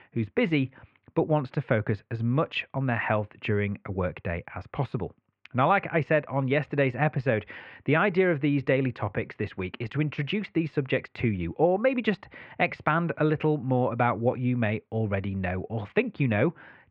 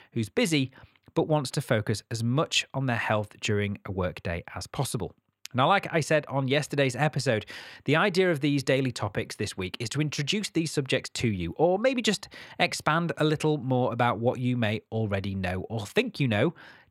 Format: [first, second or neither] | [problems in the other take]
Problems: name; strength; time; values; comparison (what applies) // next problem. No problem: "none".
second | muffled; very; fading above 2.5 kHz